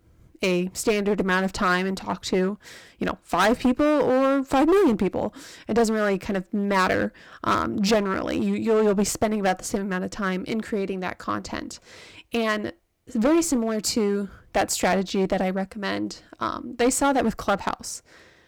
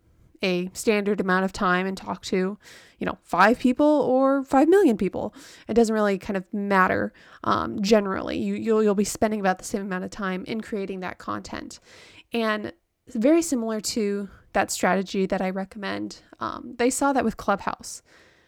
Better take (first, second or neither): second